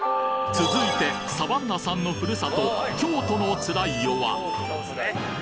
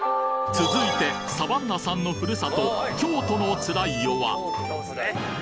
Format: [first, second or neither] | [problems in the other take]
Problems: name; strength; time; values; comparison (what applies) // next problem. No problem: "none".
second | background sound (Breathing); 17 dB below the speech